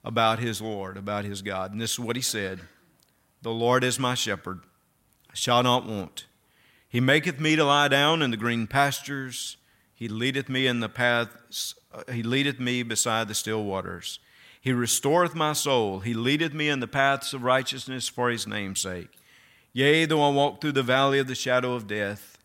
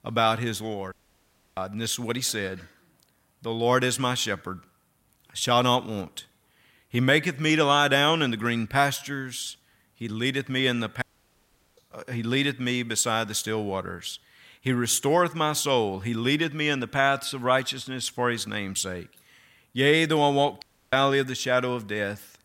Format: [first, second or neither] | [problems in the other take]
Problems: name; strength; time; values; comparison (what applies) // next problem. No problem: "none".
first | audio cutting out; at 1 s for 0.5 s, at 11 s for 1 s and at 21 s